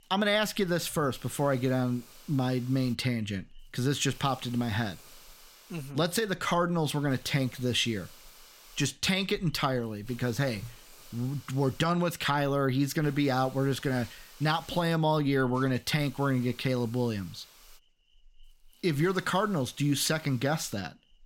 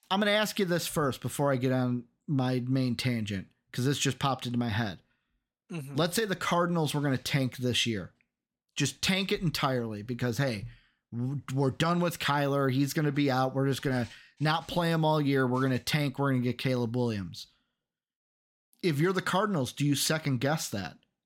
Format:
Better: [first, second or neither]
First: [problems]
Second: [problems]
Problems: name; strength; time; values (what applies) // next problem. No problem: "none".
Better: second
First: hiss; faint; throughout; 25 dB below the speech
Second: none